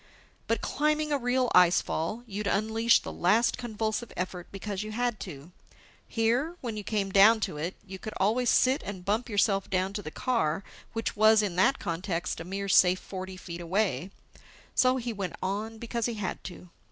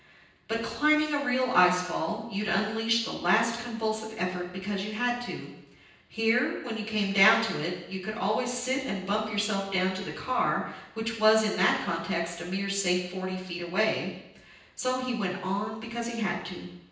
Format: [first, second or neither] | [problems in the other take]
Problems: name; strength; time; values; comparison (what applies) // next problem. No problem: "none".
first | room echo; dies away in 0.9 s